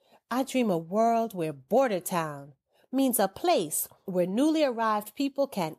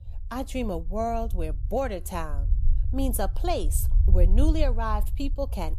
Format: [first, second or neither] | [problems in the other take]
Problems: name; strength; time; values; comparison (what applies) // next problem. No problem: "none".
first | low rumble; noticeable; throughout; 20 dB below the speech